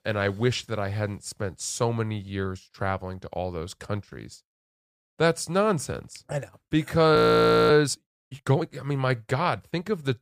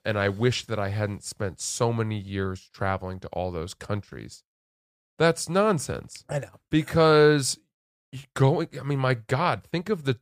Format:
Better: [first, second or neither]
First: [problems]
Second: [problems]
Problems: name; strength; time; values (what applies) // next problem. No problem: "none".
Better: second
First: audio freezing; at 7 s for 0.5 s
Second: none